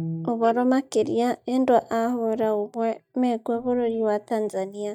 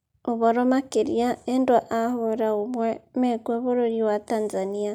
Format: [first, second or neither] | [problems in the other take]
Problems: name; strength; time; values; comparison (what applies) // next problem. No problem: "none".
second | noise reduction (neural mask model DeepFilterNet 3)